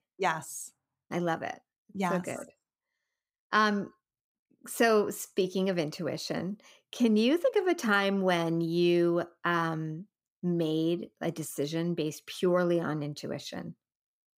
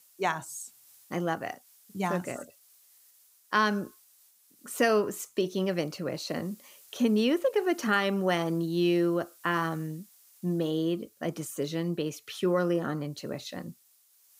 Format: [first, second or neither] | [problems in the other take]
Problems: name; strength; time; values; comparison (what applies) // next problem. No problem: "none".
first | hiss; faint; throughout; 25 dB below the speech